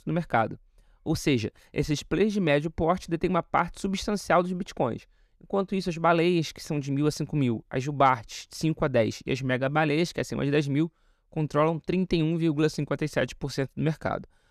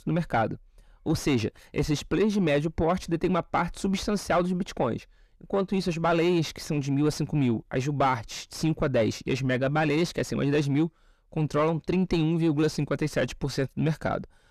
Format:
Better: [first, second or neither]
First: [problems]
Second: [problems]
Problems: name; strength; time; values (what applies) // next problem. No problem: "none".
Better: first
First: none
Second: distortion; slight; 10 dB below the speech